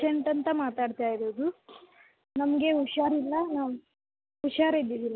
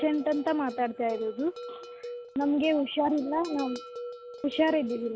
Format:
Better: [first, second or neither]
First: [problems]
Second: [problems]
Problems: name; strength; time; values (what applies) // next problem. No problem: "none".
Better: first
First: none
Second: background sound (Bell); 13 dB below the speech